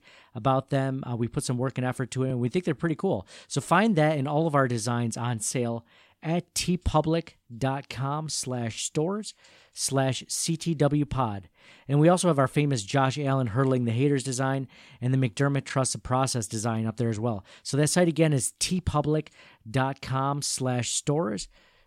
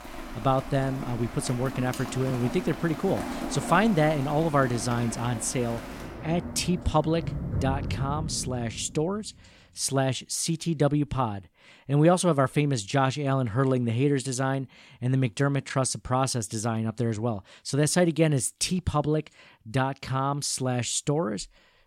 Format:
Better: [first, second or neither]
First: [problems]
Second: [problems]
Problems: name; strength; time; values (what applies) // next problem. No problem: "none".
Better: first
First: none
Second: rain or running water; loud; until 8 s; 9 dB below the speech